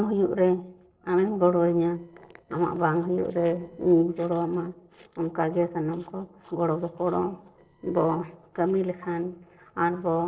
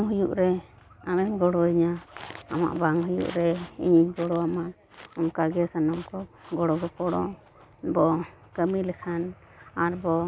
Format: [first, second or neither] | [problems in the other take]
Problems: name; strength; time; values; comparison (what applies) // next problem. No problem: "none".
second | noise reduction (neural separator model SepFormer DNS4)